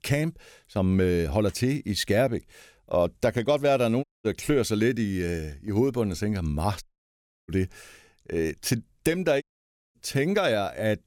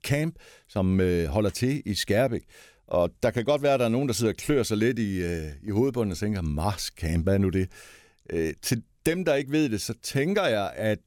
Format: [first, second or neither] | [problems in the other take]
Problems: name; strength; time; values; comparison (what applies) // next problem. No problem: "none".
second | audio cutting out; at 4 s, at 7 s for 0.5 s and at 9.5 s for 0.5 s